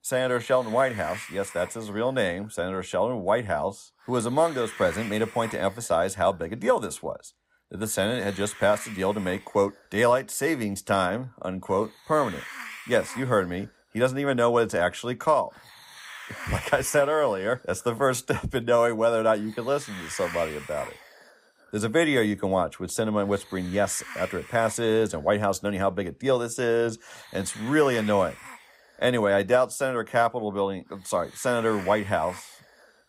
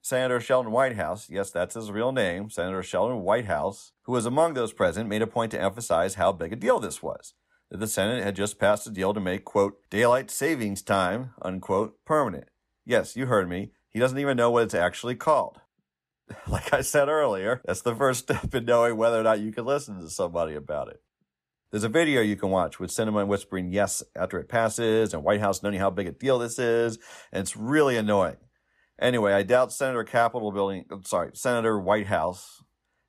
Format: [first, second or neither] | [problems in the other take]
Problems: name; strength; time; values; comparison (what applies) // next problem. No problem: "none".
second | hiss; noticeable; throughout; 15 dB below the speech